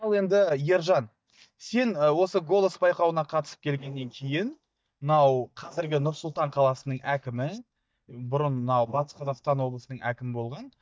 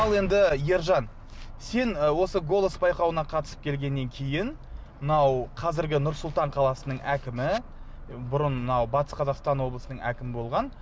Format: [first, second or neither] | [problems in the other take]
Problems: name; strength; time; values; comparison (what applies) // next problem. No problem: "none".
second | noise reduction (neural mask model DeepFilterNet 3)